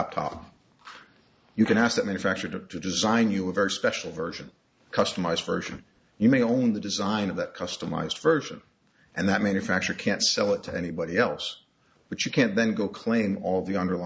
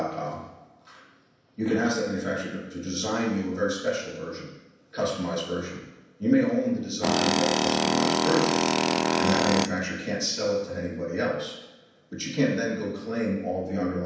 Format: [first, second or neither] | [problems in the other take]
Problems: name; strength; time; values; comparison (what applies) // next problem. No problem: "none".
first | background sound (Tools); 5 dB above the speech // room echo; dies away in 0.9 s